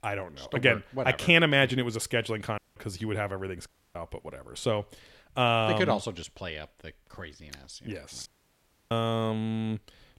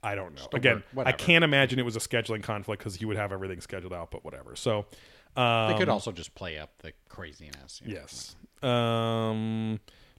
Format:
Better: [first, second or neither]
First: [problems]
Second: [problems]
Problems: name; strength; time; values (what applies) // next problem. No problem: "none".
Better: second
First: audio cutting out; at 2.5 s, at 3.5 s and at 8.5 s for 0.5 s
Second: none